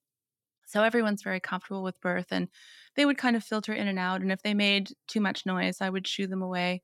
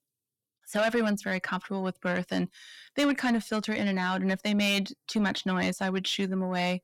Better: first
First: none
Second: distortion; slight; 10 dB below the speech

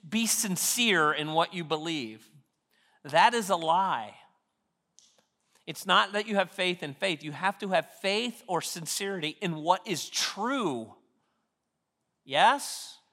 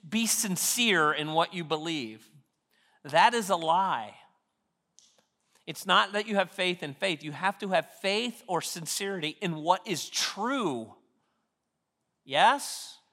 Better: neither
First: none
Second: none

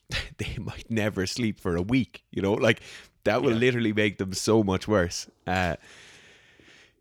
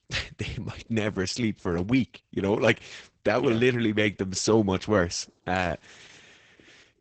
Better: first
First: none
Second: garbled, watery; badly; nothing above 8 kHz

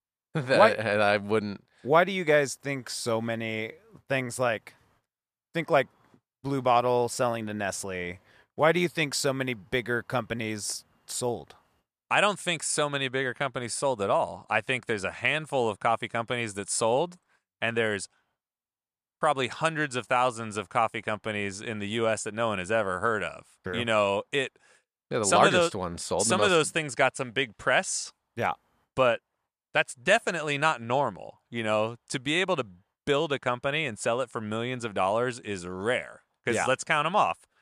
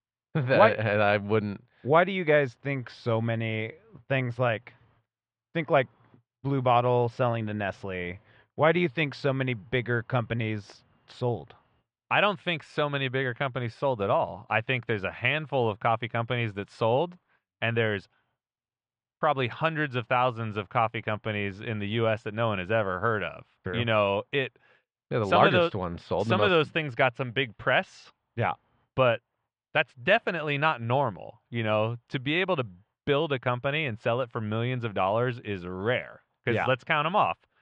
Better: first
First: none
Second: muffled; very; fading above 3 kHz

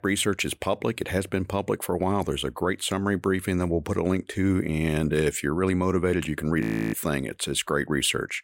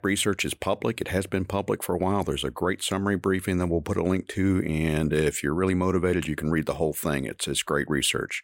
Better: second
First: audio freezing; at 6.5 s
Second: none

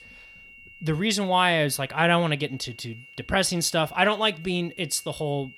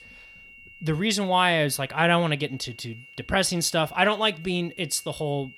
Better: neither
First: high-pitched whine; faint; throughout; 3 kHz, 20 dB below the speech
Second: high-pitched whine; faint; throughout; 3 kHz, 20 dB below the speech

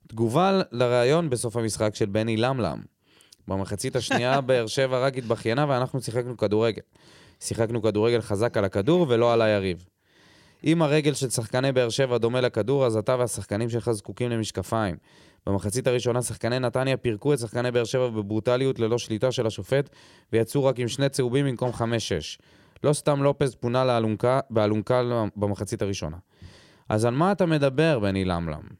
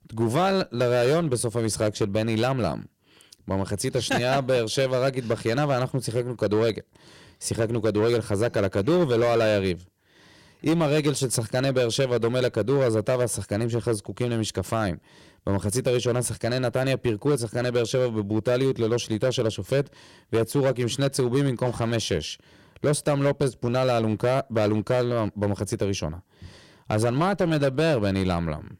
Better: first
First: none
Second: distortion; slight; 10% of the sound clipped

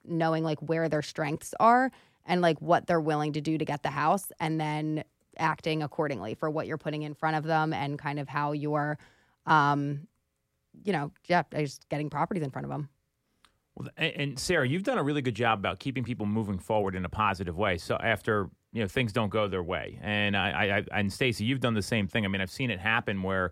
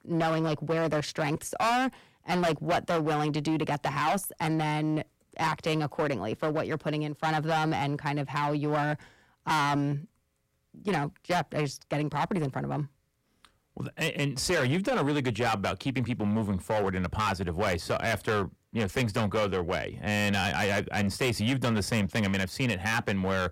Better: first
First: none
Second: distortion; heavy; 13% of the sound clipped

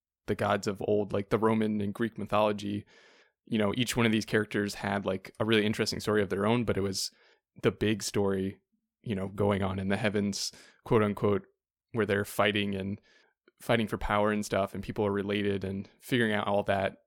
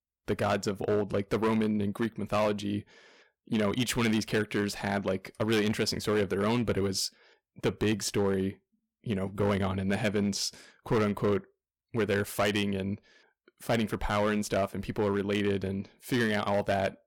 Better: first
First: none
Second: distortion; slight; 7% of the sound clipped

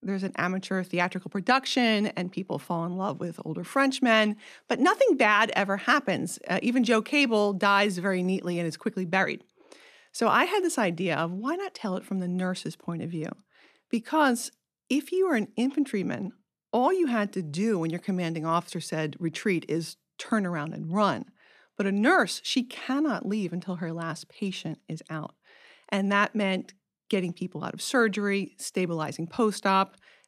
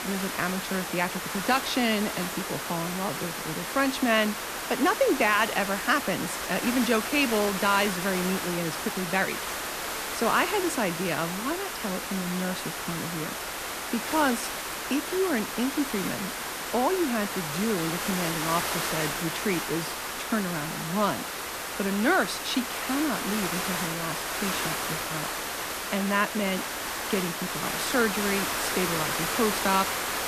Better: first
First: none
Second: hiss; loud; throughout; 2 dB below the speech

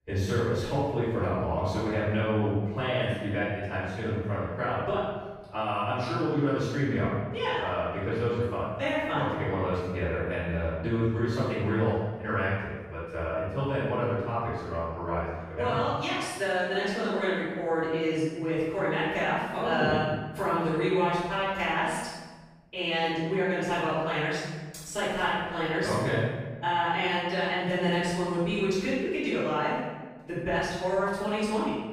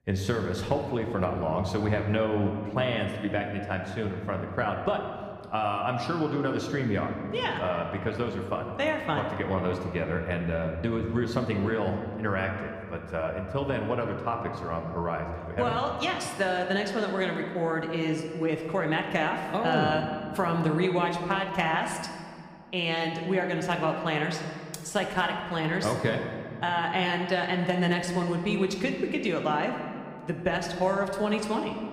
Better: second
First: room echo; strong; dies away in 1.2 s // off-mic speech; far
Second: room echo; slight; dies away in 1.8 s

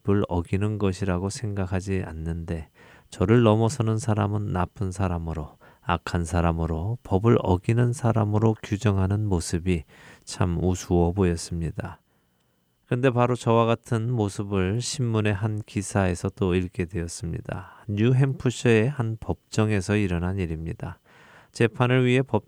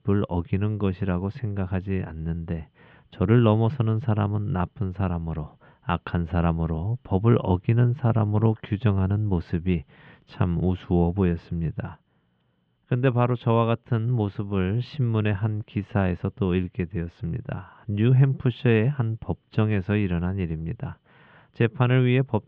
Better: first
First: none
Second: muffled; very; fading above 3.5 kHz

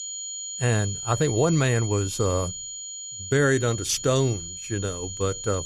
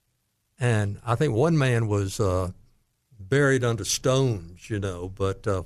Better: second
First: high-pitched whine; loud; throughout; 7 kHz, 7 dB below the speech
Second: none

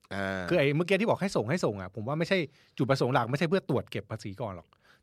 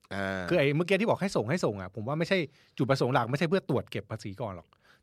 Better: neither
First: none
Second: none

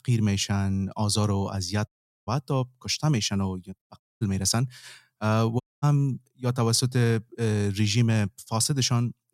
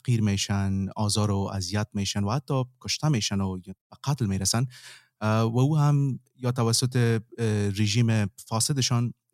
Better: second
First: audio cutting out; at 2 s, at 4 s and at 5.5 s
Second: none

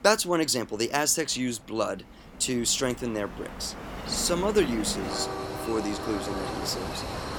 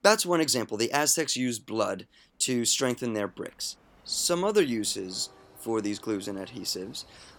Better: second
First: train or aircraft noise; loud; throughout; 7 dB below the speech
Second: train or aircraft noise; faint; throughout; 30 dB below the speech

